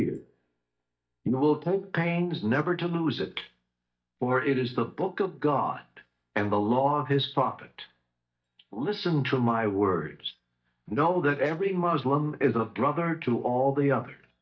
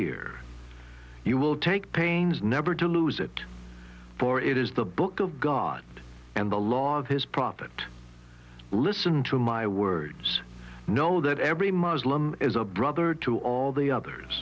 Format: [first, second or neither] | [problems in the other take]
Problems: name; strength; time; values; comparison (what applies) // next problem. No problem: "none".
second | noise reduction (neural mask model DeepFilterNet 3)